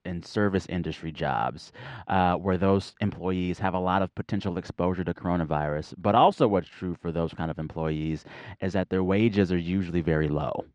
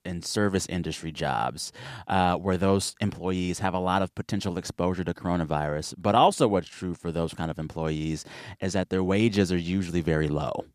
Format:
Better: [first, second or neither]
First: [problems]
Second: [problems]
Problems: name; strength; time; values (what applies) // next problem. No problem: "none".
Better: second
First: muffled; slightly; fading above 3 kHz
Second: none